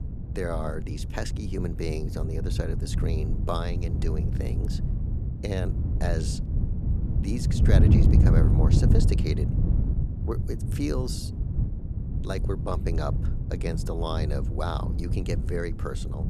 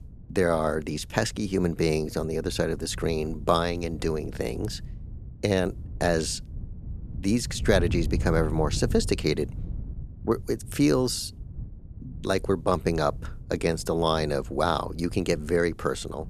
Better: second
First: wind noise on the microphone; heavy; 4 dB below the speech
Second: wind noise on the microphone; occasional gusts; 25 dB below the speech

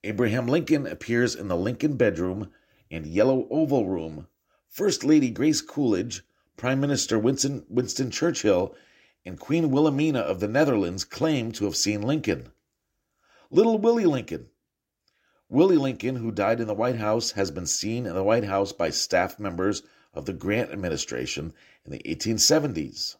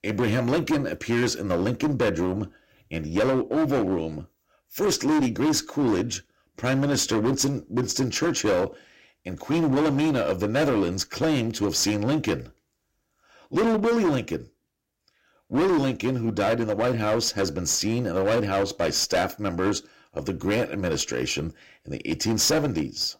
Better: first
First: none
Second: distortion; heavy; 14% of the sound clipped

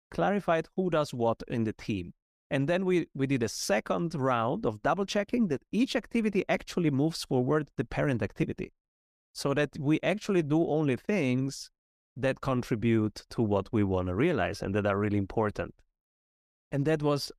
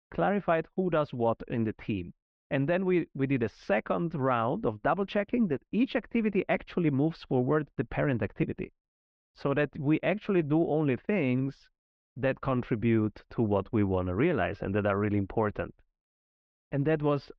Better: first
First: none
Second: muffled; very; fading above 3 kHz

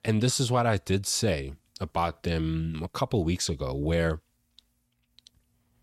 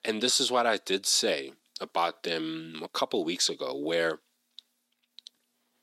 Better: first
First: none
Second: thin; somewhat; fading below 250 Hz

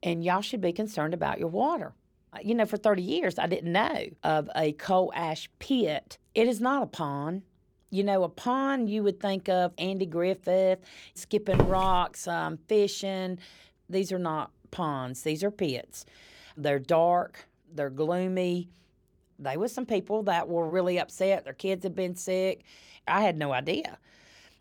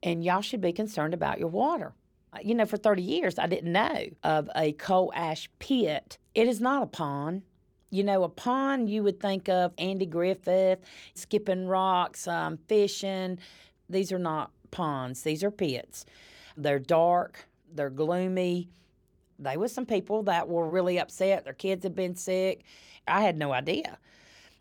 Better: second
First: footsteps; loud; at 12 s; peak 1 dB above the speech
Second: none

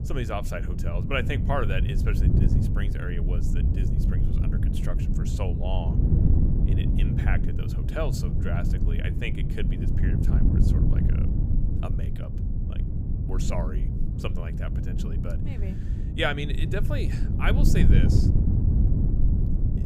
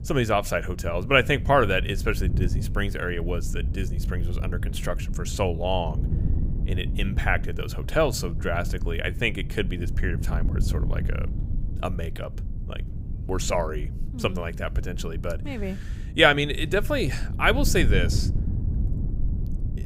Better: second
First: wind noise on the microphone; heavy; 4 dB below the speech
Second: wind noise on the microphone; occasional gusts; 20 dB below the speech

